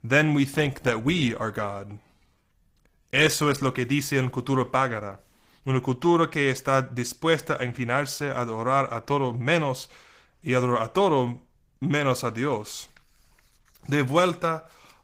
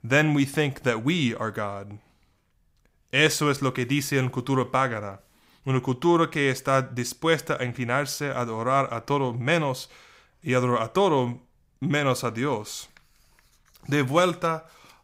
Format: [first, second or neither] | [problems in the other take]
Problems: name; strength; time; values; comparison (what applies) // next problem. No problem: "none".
second | garbled, watery; slightly; nothing above 15.5 kHz